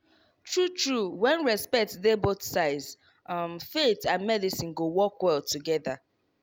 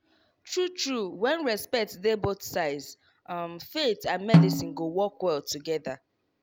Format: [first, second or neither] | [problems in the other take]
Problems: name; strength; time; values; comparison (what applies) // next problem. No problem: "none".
first | background sound (Snare drum); 5 dB above the speech